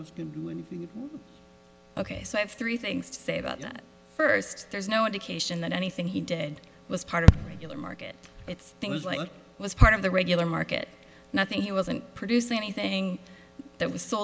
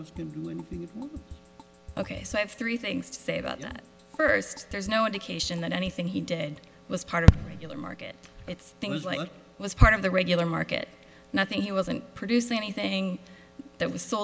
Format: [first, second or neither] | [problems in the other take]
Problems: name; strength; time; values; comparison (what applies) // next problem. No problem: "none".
first | background sound (Drum kit); 20 dB below the speech